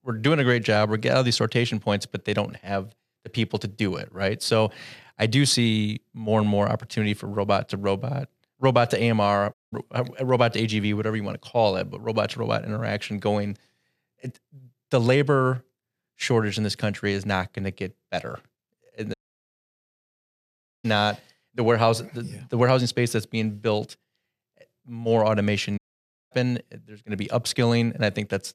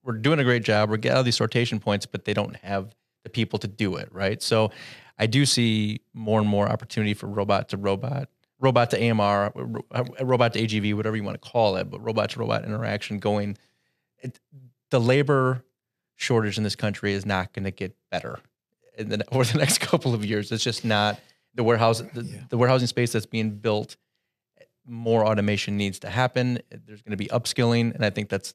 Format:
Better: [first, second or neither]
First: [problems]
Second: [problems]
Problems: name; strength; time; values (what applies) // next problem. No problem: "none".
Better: second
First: audio cutting out; at 9.5 s, at 19 s for 1.5 s and at 26 s for 0.5 s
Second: none